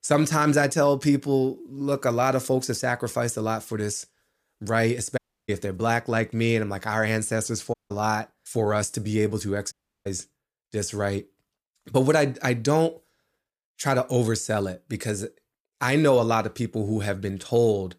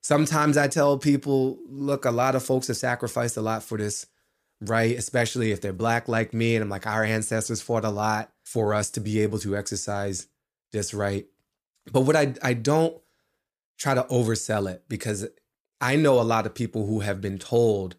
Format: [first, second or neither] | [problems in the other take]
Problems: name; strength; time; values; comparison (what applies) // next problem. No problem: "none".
second | audio cutting out; at 5 s, at 7.5 s and at 9.5 s